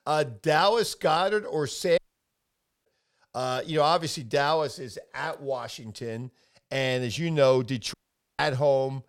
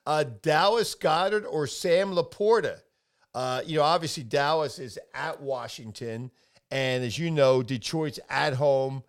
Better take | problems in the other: second | audio cutting out; at 2 s for 1 s and at 8 s

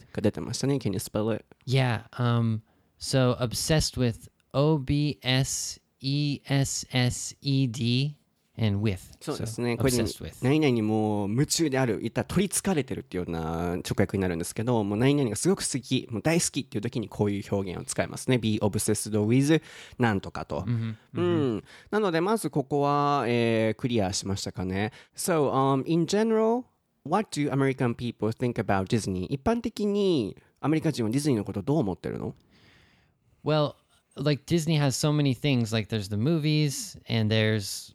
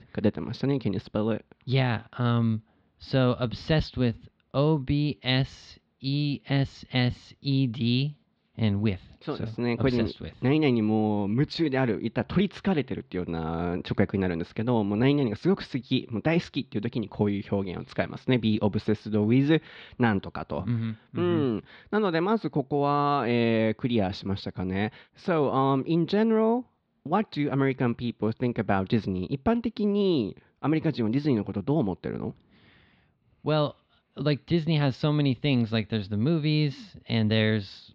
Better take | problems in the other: first | muffled; slightly; fading above 4 kHz

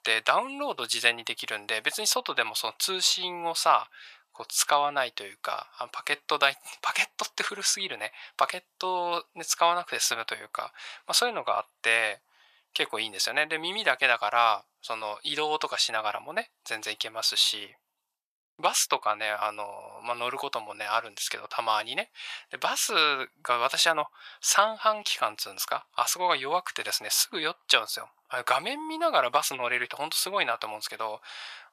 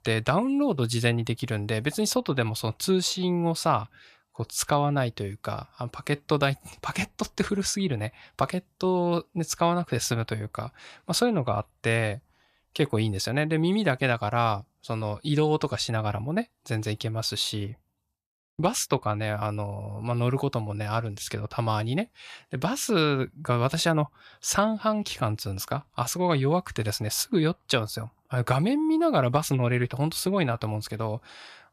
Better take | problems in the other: second | thin; very; fading below 900 Hz

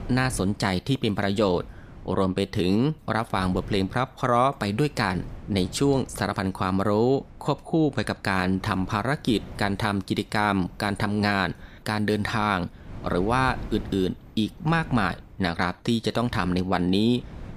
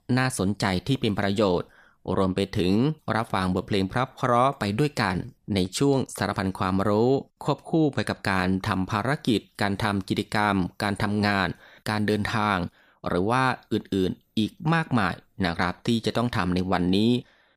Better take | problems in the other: second | wind noise on the microphone; occasional gusts; 25 dB below the speech

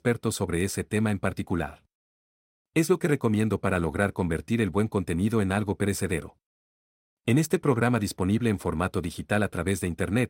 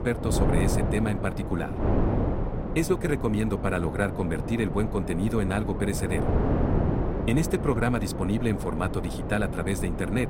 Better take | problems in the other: first | wind noise on the microphone; heavy; 3 dB below the speech

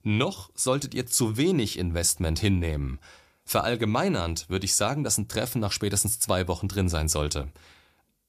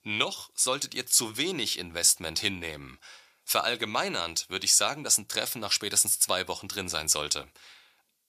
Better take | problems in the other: first | thin; somewhat; fading below 1 kHz

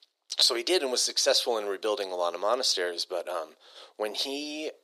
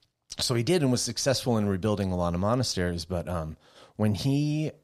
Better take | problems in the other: second | thin; very; fading below 350 Hz

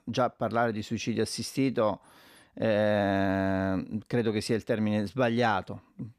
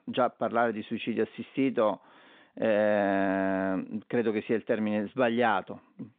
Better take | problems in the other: first | phone-call audio; nothing above 3.5 kHz

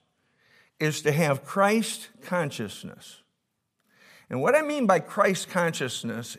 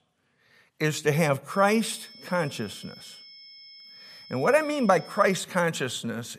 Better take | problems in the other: first | high-pitched whine; faint; from 1.5 to 5.5 s; 5.5 kHz, 20 dB below the speech

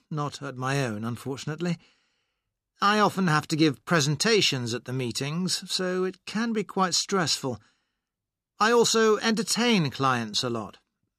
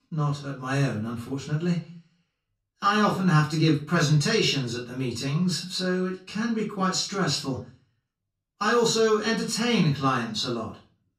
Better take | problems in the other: first | off-mic speech; far // room echo; slight; dies away in 0.3 s

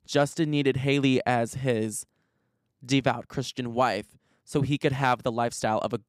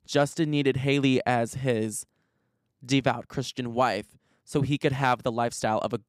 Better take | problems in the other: neither | none

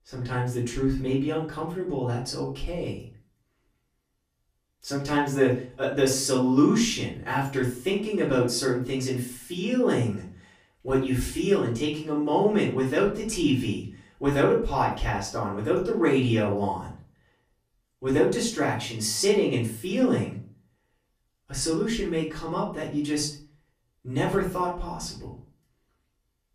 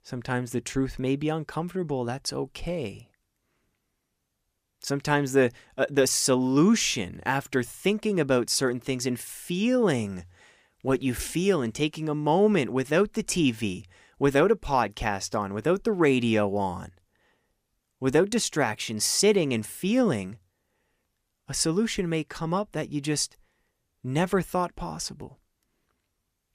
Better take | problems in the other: second | room echo; slight; dies away in 0.4 s // off-mic speech; far

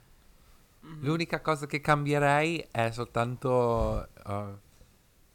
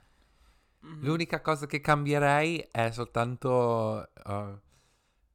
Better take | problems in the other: second | hiss; noticeable; throughout; 15 dB below the speech

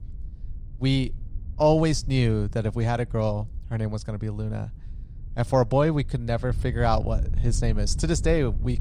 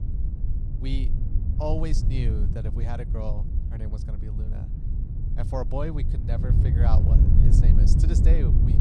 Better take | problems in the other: first | low rumble; loud; throughout; 3 dB below the speech; faint in the first

